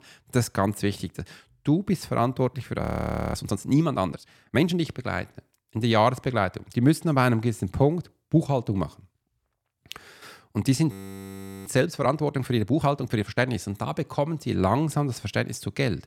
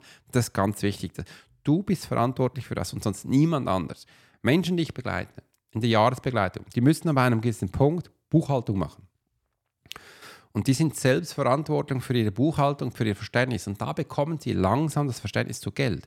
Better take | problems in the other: second | audio freezing; at 3 s for 0.5 s and at 11 s for 0.5 s

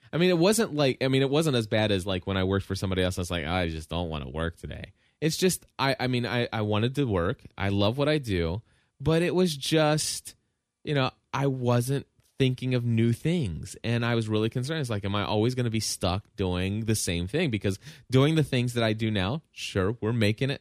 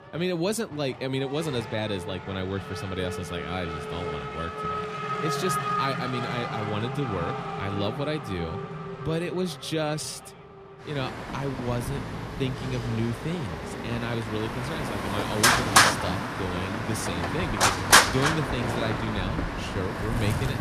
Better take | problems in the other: first | traffic noise; very loud; throughout; 4 dB above the speech

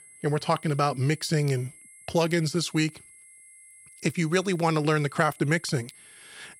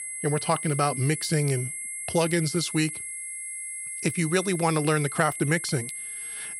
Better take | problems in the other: first | high-pitched whine; loud; throughout; 11 kHz, 6 dB below the speech; faint in the first

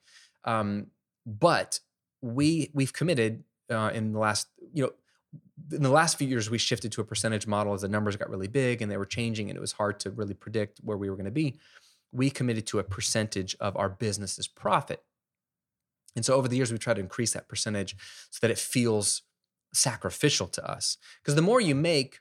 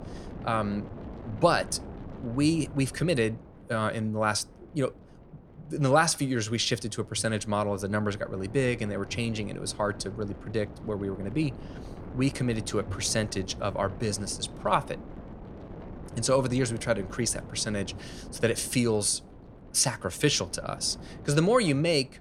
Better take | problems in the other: first | wind noise on the microphone; occasional gusts; 20 dB below the speech

